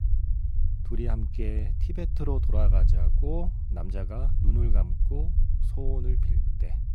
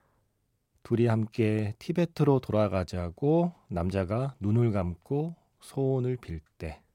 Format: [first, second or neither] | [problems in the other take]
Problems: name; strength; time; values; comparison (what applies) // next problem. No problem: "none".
second | low rumble; loud; throughout; 6 dB below the speech